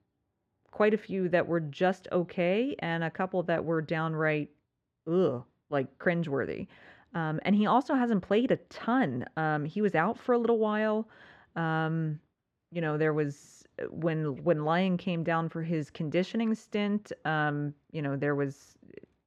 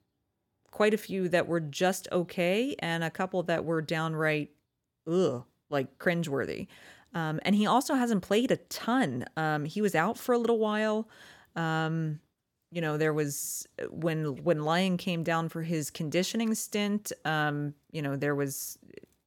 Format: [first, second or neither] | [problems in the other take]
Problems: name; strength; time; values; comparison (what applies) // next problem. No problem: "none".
second | muffled; very; fading above 2.5 kHz